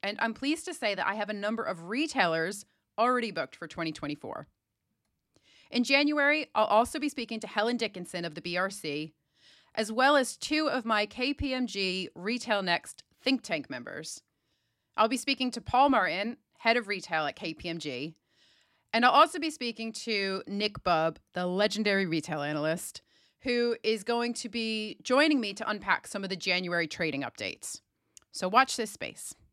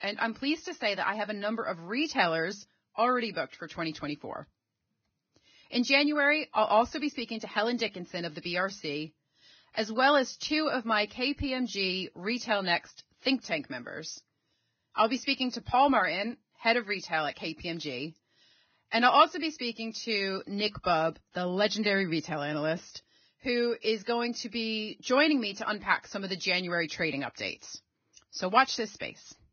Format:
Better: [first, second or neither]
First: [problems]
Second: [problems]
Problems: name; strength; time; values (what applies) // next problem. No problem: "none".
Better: first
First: none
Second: garbled, watery; badly; nothing above 6.5 kHz